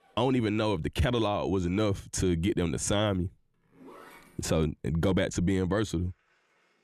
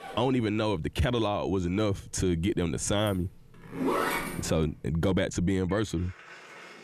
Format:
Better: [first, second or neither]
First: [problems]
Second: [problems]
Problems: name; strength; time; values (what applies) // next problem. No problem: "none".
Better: first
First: household noises; faint; throughout; 25 dB below the speech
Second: household noises; loud; throughout; 5 dB below the speech